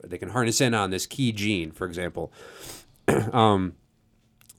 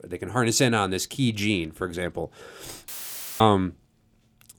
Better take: first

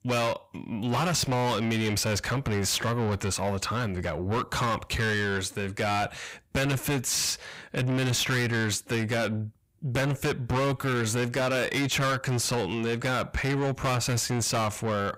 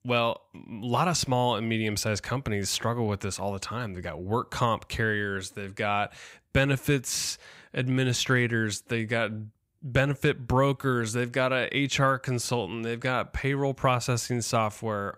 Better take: second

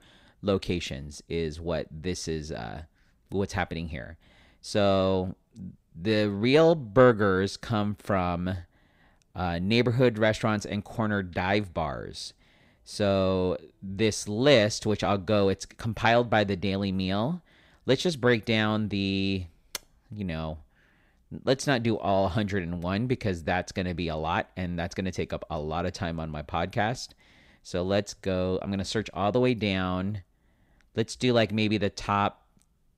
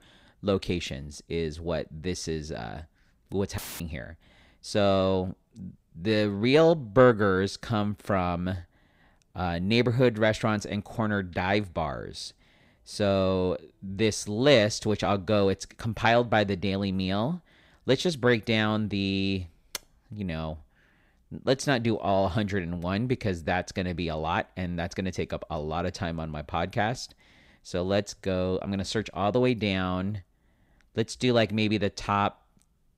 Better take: first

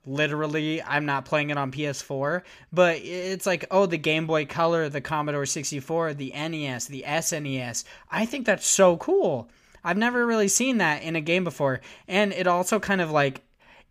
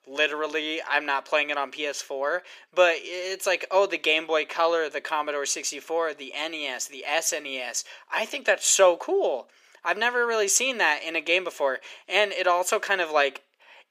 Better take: first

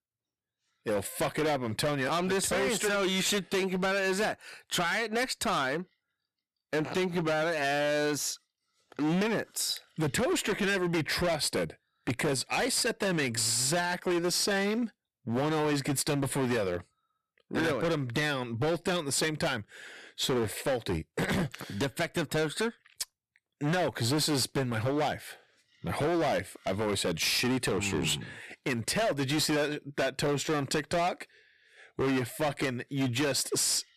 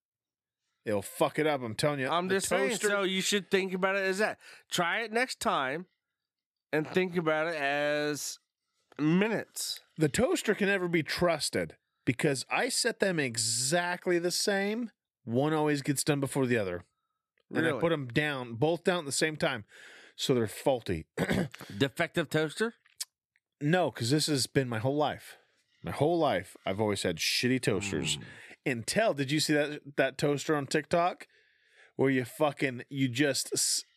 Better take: second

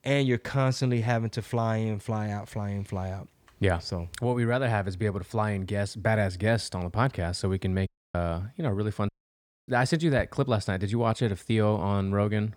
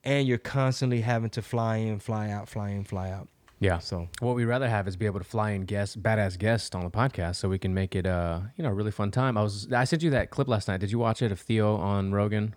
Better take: second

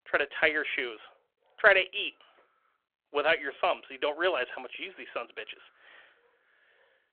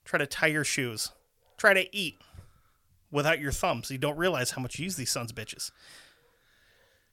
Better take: second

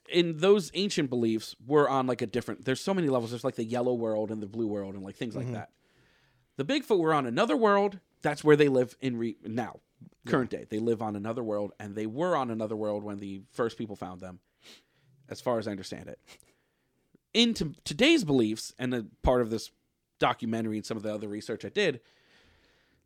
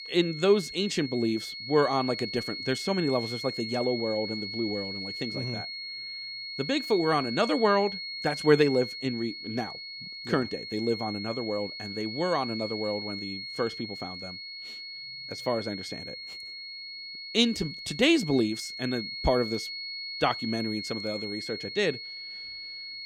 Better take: first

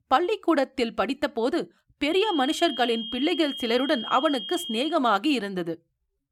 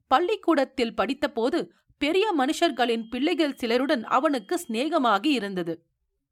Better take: second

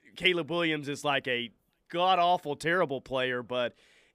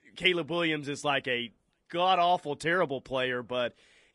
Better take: first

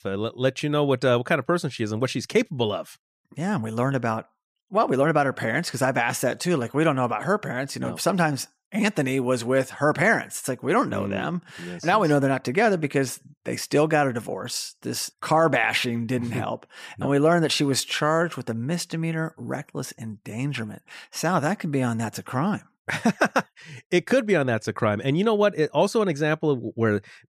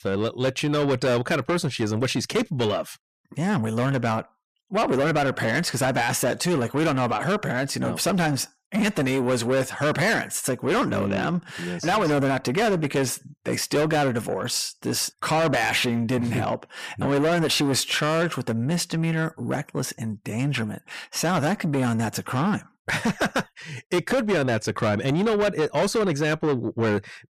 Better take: first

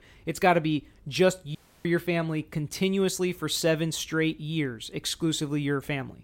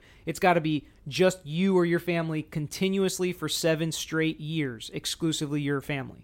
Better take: second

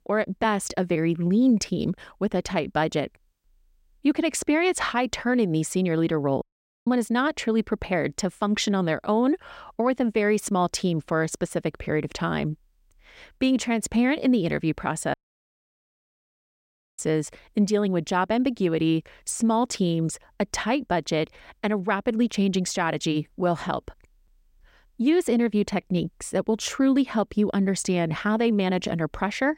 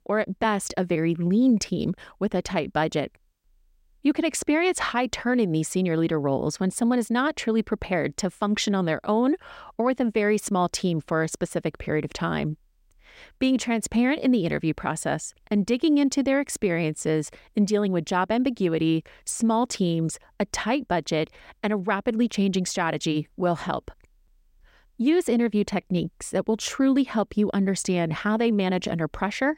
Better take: second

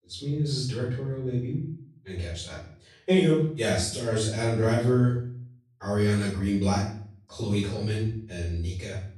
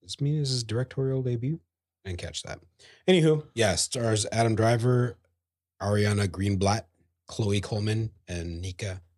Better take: second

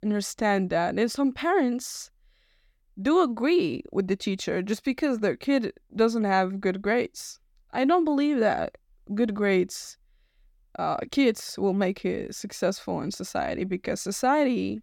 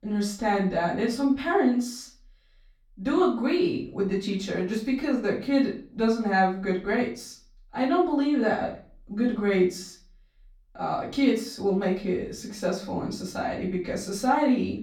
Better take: first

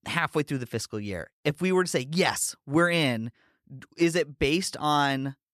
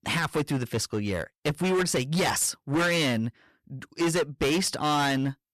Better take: first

